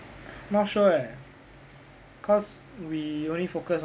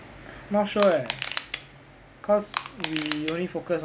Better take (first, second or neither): first